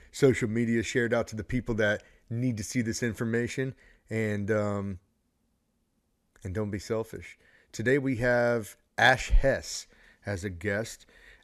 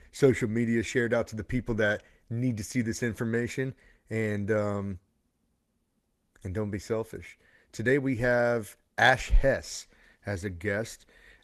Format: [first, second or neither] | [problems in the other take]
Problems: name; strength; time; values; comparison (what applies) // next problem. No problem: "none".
first | garbled, watery; slightly; nothing above 13.5 kHz